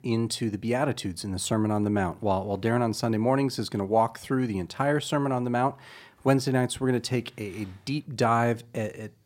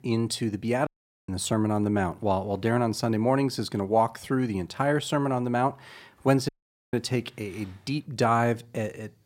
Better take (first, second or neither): first